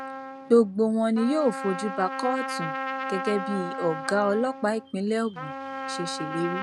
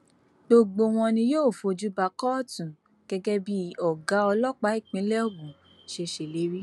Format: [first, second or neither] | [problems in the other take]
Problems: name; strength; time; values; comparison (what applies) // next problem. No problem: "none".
second | background sound (Trumpet); 8 dB below the speech